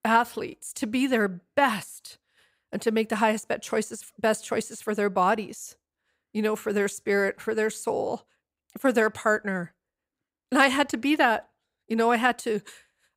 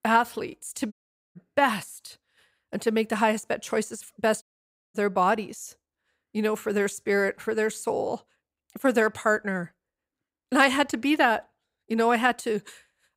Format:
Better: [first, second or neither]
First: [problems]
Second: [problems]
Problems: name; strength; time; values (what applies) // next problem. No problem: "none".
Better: first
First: none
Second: audio cutting out; at 1 s and at 4.5 s for 0.5 s